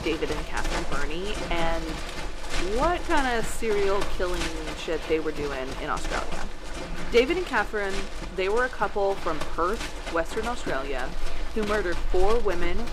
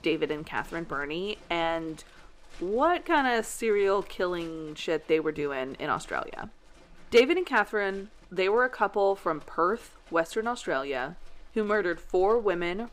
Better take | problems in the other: second | animal sounds; loud; throughout; 6 dB below the speech; faint in the second

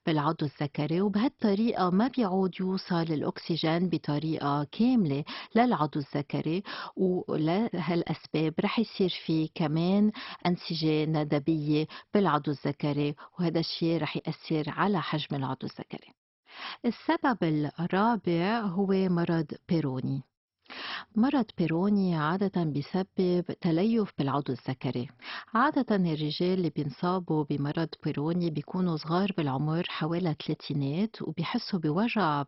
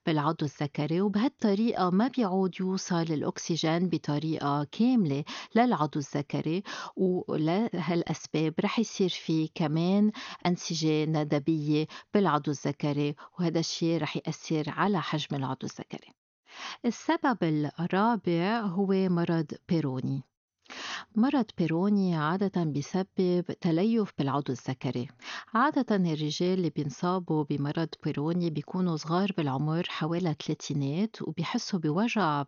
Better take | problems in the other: second | garbled, watery; badly; nothing above 5.5 kHz; slightly in the second

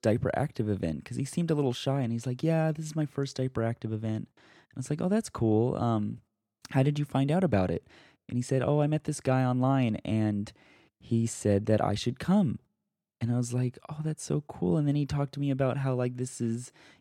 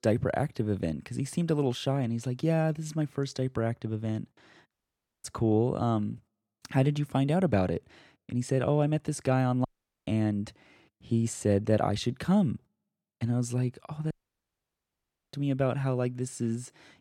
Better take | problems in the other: first | audio cutting out; at 4.5 s for 0.5 s, at 9.5 s and at 14 s for 1 s

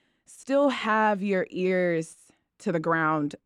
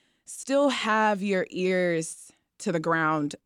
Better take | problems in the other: second | muffled; slightly; fading above 3.5 kHz

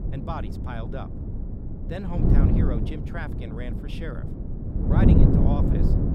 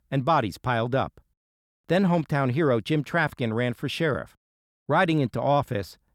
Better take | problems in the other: second | wind noise on the microphone; heavy; 4 dB above the speech

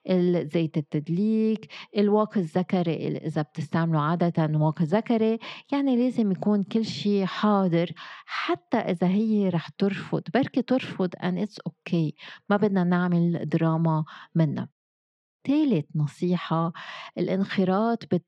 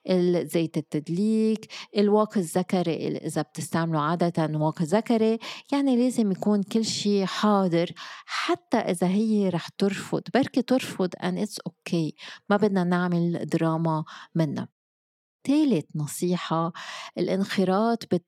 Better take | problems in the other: second | muffled; very slightly; fading above 3 kHz

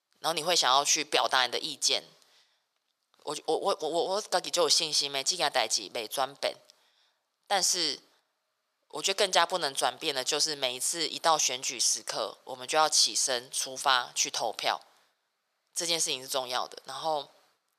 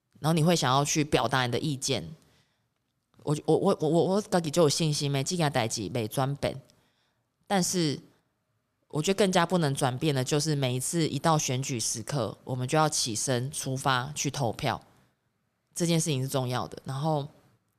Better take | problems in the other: second | thin; very; fading below 700 Hz

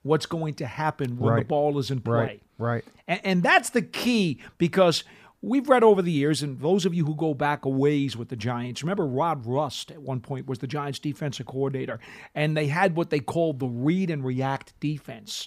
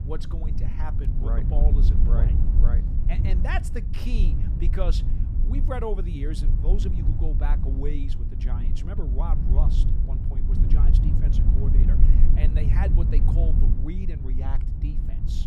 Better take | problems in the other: first | low rumble; loud; throughout; 3 dB below the speech

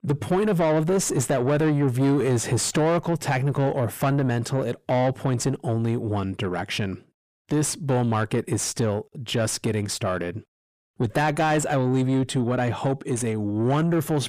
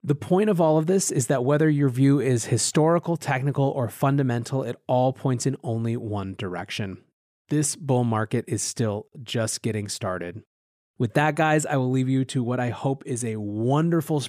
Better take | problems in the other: second | distortion; slight; 9 dB below the speech

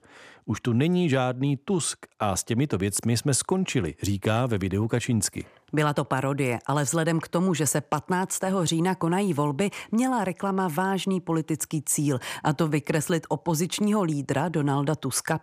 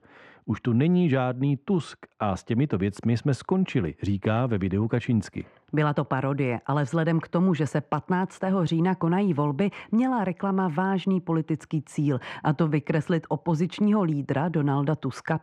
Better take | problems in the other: first | muffled; very; fading above 2.5 kHz

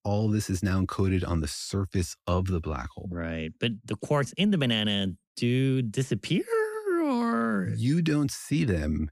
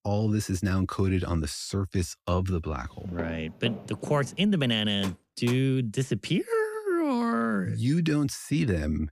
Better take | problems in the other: first | footsteps; faint; from 3 to 4.5 s; peak 10 dB below the speech // door banging; faint; at 5 s; peak 15 dB below the speech

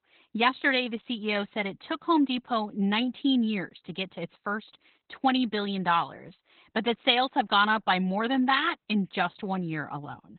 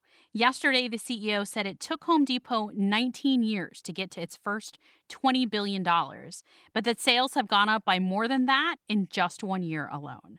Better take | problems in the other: second | garbled, watery; badly; nothing above 4 kHz; slightly in the second

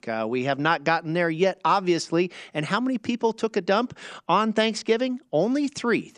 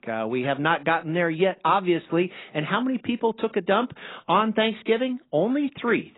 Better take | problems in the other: first | garbled, watery; badly; nothing above 4 kHz

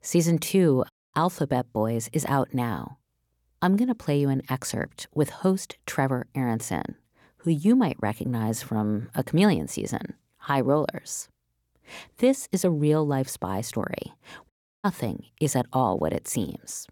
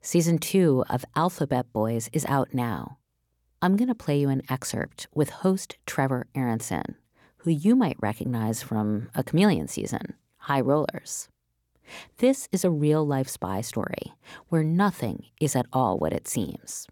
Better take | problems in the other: second | audio cutting out; at 1 s and at 15 s

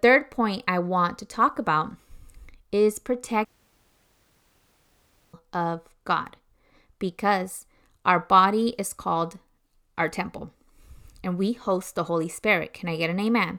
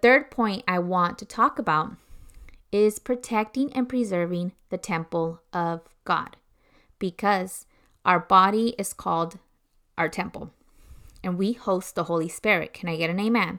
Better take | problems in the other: second | audio cutting out; at 3.5 s for 2 s

